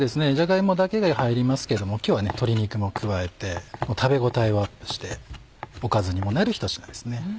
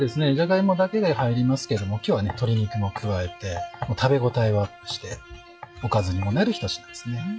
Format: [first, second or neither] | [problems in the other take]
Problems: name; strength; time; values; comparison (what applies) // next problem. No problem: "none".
first | noise reduction (classical method log-MMSE)